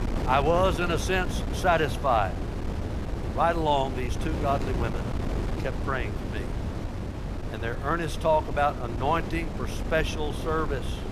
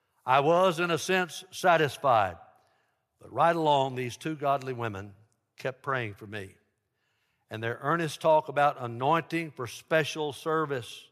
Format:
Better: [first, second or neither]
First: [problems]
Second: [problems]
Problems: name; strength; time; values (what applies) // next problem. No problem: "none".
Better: second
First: wind noise on the microphone; occasional gusts; 10 dB below the speech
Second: none